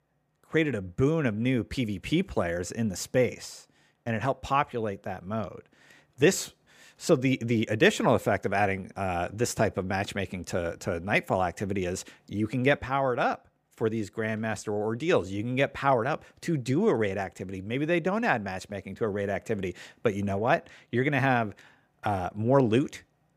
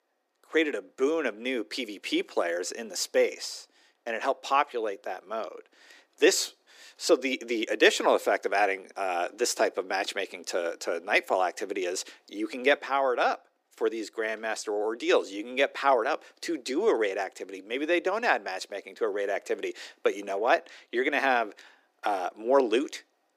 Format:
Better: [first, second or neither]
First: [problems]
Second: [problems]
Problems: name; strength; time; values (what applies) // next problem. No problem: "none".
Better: first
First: none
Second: thin; somewhat; fading below 300 Hz